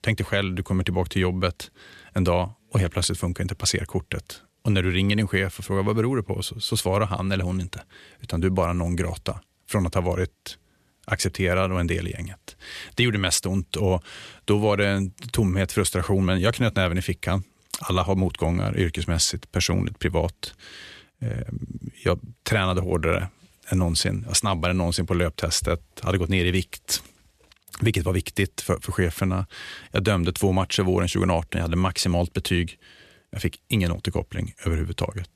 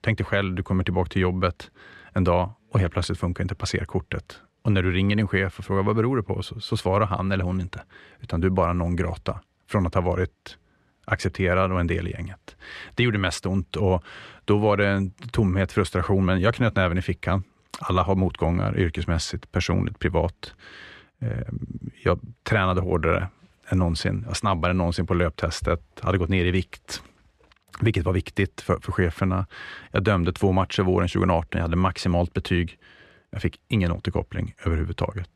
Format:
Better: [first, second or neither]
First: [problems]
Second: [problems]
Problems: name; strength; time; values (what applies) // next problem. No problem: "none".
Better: first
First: none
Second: muffled; slightly; fading above 2 kHz